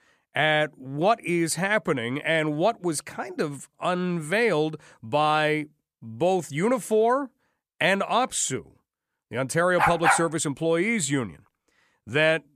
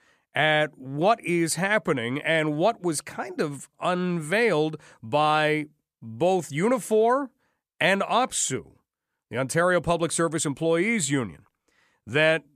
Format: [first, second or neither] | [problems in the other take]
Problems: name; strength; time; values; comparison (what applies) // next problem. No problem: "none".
second | dog barking; loud; at 10 s; peak 4 dB above the speech